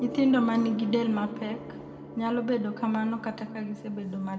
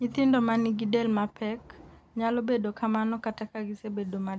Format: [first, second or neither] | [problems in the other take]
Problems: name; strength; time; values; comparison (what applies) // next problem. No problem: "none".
second | background sound (Gong); 13 dB below the speech // room echo; dies away in 1.6 s